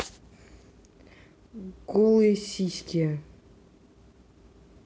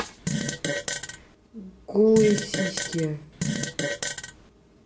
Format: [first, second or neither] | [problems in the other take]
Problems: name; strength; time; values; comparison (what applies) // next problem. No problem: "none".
first | background sound (Fart); 3 dB below the speech // room echo; dies away in 0.5 s